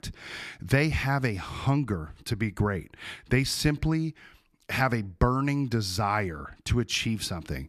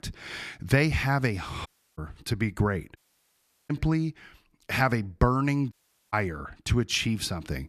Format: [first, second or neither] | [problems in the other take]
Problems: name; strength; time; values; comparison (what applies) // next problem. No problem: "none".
first | audio cutting out; at 1.5 s, at 3 s for 0.5 s and at 5.5 s